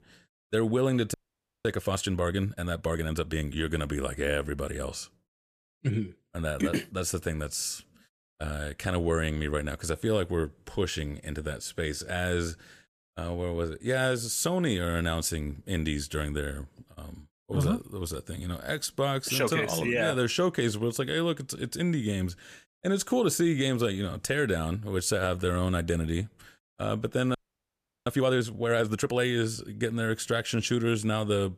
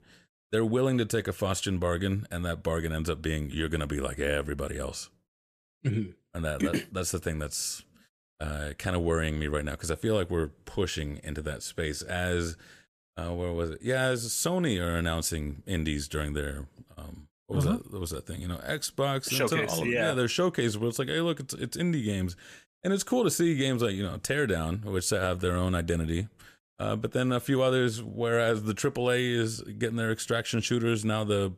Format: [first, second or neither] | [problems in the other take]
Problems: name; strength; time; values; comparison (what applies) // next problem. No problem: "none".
second | audio freezing; at 1 s for 0.5 s and at 27 s for 0.5 s